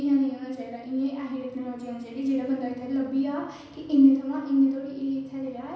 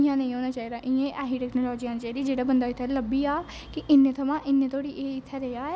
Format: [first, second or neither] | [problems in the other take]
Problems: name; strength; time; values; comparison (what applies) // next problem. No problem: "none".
second | room echo; dies away in 0.9 s